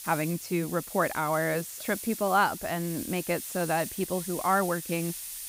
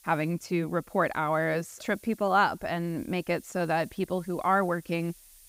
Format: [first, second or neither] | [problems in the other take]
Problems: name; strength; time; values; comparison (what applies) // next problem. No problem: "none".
second | hiss; loud; throughout; 8 dB below the speech; faint in the second